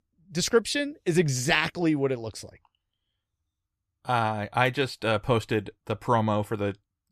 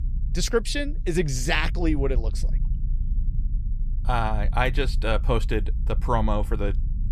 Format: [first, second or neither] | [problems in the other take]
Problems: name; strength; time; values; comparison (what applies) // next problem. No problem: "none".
first | low rumble; faint; throughout; 20 dB below the speech